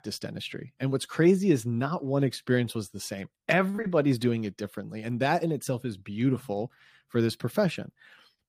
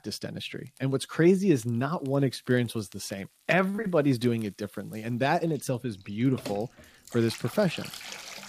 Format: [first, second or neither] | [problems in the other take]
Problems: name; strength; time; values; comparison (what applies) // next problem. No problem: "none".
first | household noises; noticeable; throughout; 15 dB below the speech